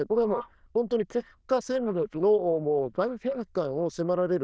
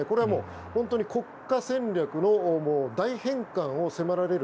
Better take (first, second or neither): second